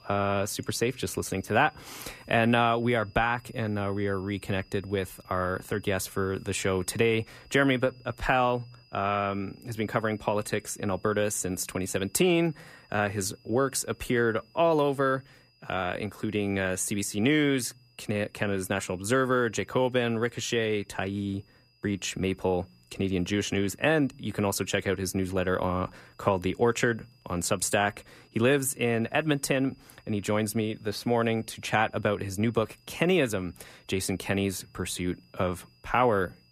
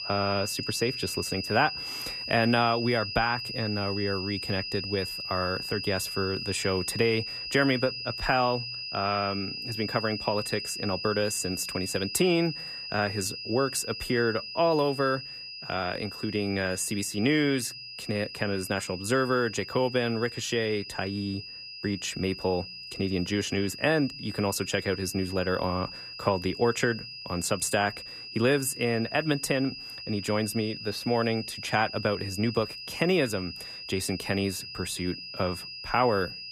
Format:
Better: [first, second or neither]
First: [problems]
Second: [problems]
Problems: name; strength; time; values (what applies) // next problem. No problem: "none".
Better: first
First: high-pitched whine; faint; throughout; 5 kHz, 30 dB below the speech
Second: high-pitched whine; loud; throughout; 5 kHz, 7 dB below the speech